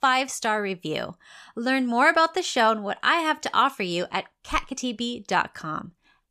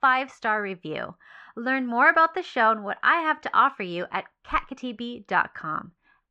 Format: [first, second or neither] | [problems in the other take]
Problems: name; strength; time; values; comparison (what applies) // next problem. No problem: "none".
first | muffled; very; fading above 2.5 kHz